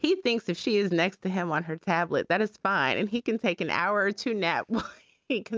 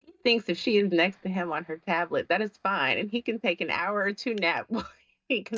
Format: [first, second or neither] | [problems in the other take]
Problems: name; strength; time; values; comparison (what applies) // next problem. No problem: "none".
first | noise reduction (neural mask model DeepFilterNet 3)